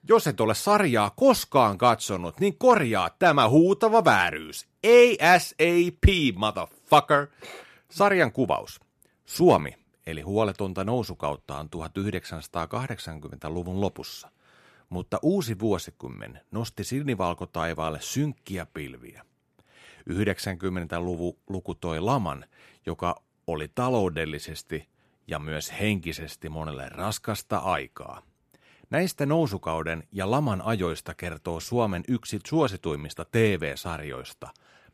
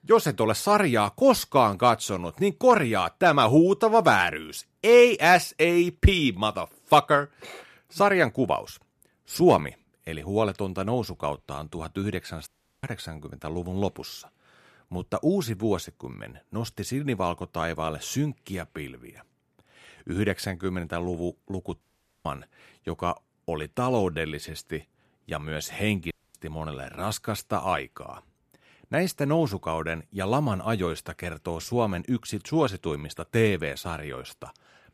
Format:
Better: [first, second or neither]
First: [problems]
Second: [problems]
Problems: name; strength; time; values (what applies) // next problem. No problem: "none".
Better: first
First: none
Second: audio cutting out; at 12 s, at 22 s and at 26 s